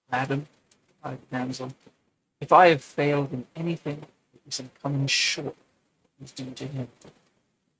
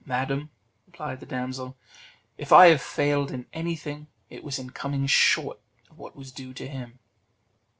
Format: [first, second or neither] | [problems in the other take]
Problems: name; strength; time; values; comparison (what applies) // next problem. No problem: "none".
second | noise reduction (neural mask model RNNoise)